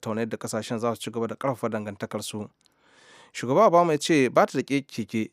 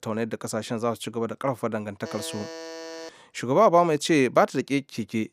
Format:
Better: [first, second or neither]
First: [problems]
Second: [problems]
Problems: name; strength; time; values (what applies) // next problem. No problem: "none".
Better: first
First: none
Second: alarm; faint; from 2 to 3 s; peak 15 dB below the speech